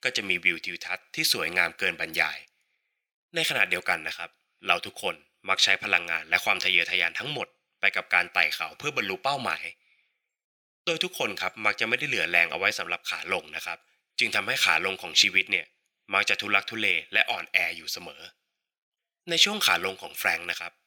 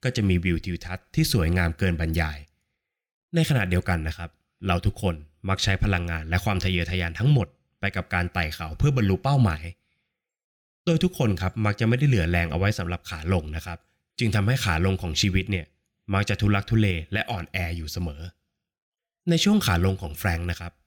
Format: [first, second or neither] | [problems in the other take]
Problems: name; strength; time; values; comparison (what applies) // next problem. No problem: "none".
second | thin; very; fading below 600 Hz